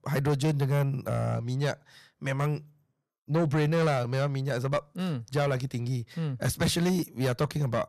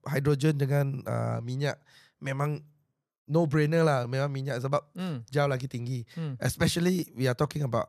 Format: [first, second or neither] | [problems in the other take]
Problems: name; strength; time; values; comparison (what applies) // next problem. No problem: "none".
second | distortion; slight; 10 dB below the speech